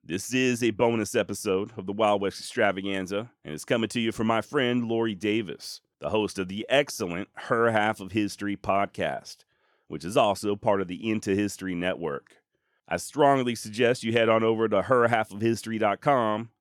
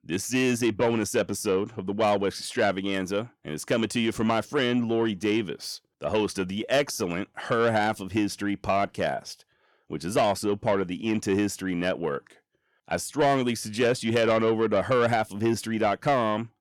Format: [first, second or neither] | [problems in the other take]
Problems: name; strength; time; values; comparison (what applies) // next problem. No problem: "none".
first | distortion; slight; 10 dB below the speech